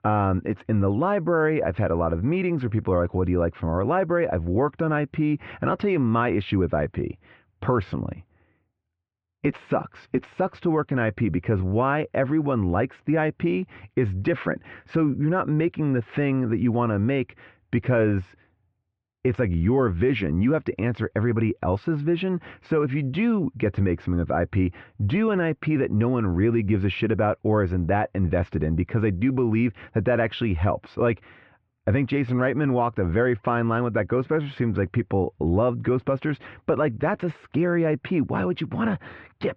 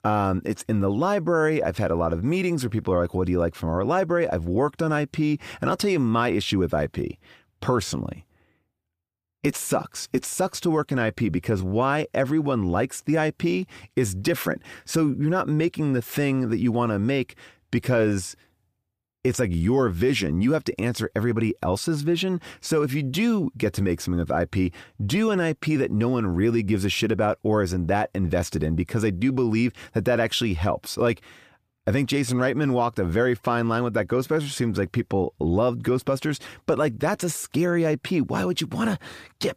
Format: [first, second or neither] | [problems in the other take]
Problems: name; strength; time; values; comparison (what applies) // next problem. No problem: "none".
second | muffled; very; fading above 2.5 kHz